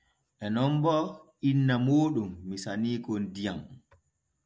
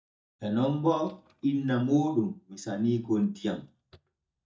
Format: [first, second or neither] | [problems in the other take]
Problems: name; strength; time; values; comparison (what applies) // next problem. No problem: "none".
first | noise reduction (neural mask model DeepFilterNet 3)